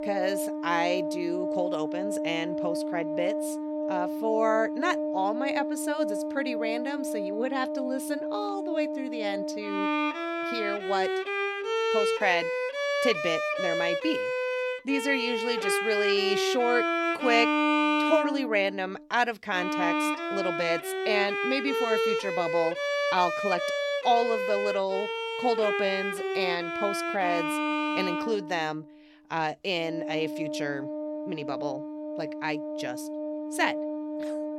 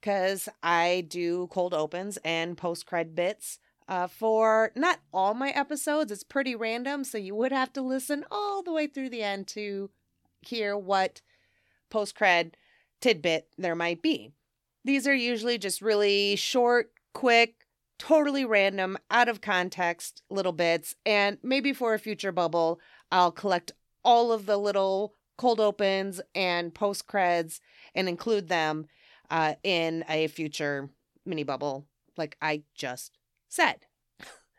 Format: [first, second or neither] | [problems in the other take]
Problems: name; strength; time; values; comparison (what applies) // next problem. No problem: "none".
second | background music; very loud; throughout; as loud as the speech